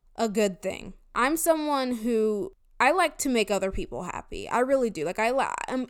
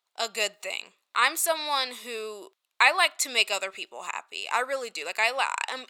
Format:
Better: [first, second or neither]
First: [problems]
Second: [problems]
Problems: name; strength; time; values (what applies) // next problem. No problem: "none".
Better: first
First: none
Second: thin; very; fading below 950 Hz